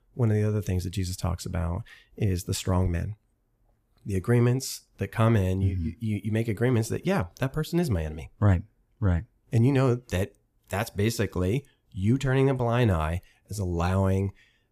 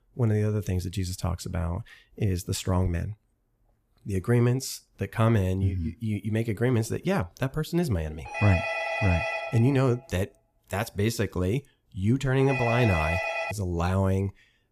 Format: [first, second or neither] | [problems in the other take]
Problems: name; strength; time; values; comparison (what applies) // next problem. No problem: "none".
first | phone ringing; noticeable; from 8.5 to 14 s; peak level with the speech